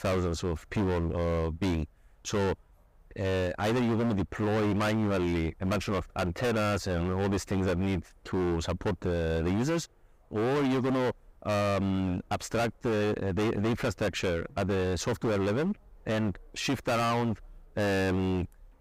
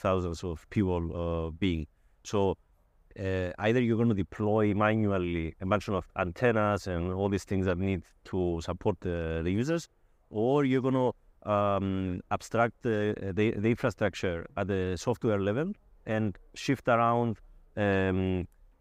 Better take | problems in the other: second | distortion; heavy; 25% of the sound clipped

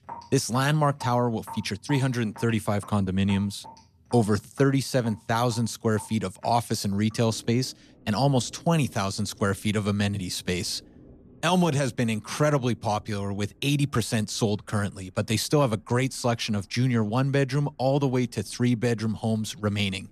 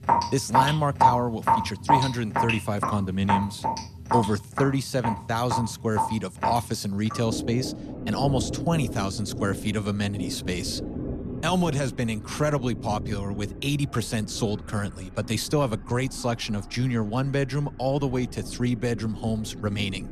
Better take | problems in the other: first | rain or running water; loud; throughout; 2 dB below the speech; faint in the first

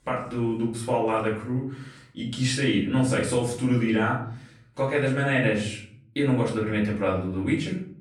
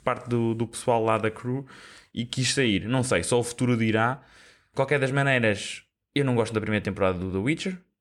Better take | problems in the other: second | off-mic speech; far // room echo; slight; dies away in 0.5 s

